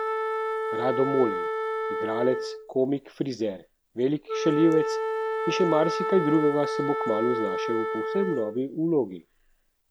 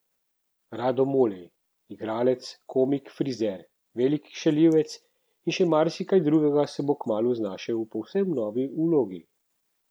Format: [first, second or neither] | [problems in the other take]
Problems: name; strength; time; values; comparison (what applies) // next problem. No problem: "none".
second | background sound (Wind instrument, woodwind instrument); 3 dB below the speech